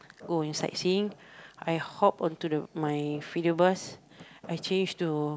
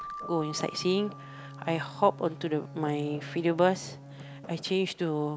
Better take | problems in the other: first | background sound (Keyboard (musical) + Bowed string instrument); 14 dB below the speech

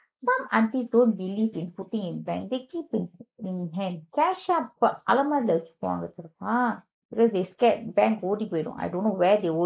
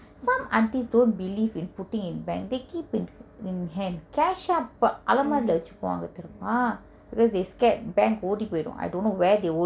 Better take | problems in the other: second | noise reduction (neural mask model Resemble Enhance denoiser)

